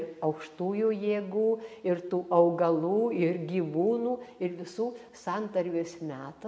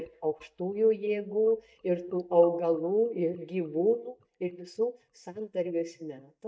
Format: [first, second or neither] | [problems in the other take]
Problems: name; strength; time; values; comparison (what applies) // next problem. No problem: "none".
first | noise reduction (neural mask model DeepFilterNet 3)